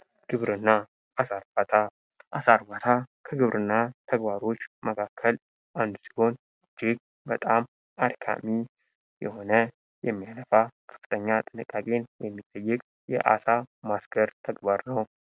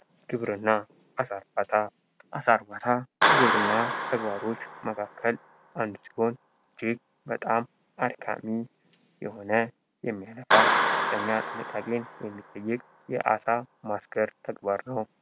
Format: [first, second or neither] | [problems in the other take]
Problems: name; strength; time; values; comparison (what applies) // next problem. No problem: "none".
first | background sound (Clapping); 2 dB below the speech